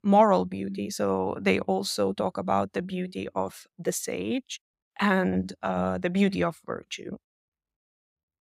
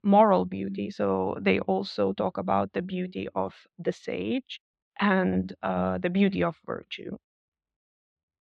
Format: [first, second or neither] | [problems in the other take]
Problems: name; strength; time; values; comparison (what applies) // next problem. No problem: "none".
first | muffled; slightly; fading above 3.5 kHz